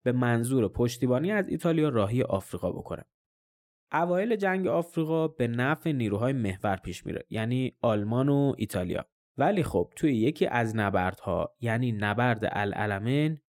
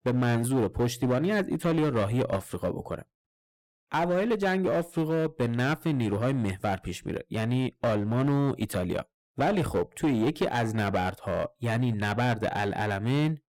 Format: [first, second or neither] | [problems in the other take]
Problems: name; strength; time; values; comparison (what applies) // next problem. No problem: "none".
first | distortion; slight; 11% of the sound clipped